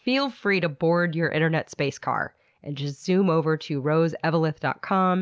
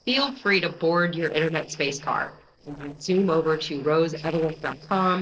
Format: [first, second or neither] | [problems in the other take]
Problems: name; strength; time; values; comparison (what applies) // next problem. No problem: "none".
first | noise reduction (neural separator model SepFormer DNS4)